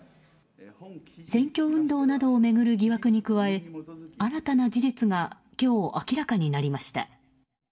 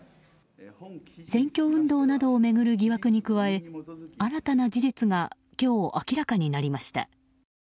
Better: second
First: room echo; dies away in 0.2 s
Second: none

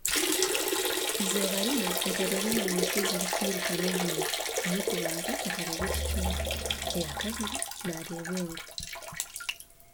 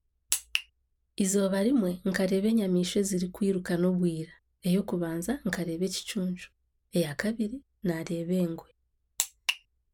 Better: second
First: background sound (Liquid + Drum); 4 dB above the speech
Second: none

